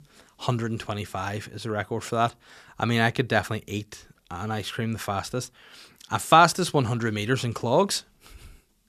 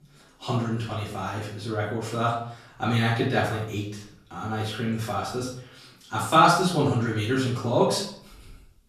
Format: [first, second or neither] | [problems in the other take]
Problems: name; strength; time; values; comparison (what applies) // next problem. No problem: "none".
first | off-mic speech; far // room echo; noticeable; dies away in 0.5 s